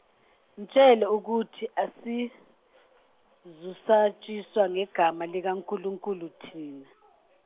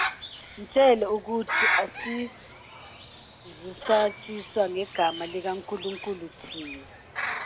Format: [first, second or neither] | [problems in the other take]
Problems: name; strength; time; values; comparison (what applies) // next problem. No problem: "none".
first | background sound (Bird); 5 dB below the speech